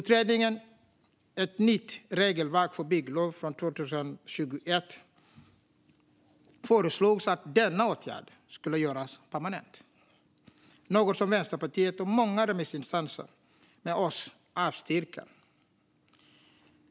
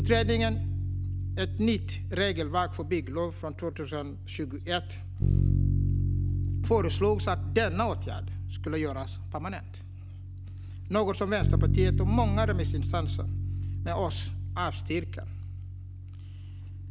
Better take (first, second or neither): first